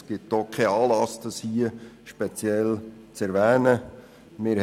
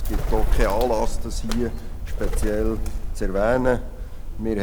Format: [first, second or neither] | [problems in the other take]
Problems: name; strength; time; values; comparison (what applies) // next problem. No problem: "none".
first | background sound (Bird); 3 dB above the speech